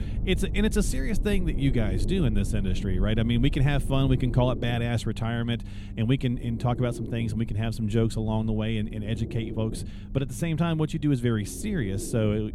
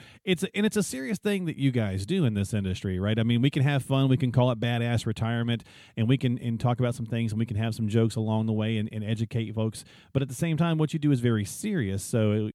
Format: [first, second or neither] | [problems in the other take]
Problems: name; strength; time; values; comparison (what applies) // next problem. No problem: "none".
second | low rumble; noticeable; throughout; 15 dB below the speech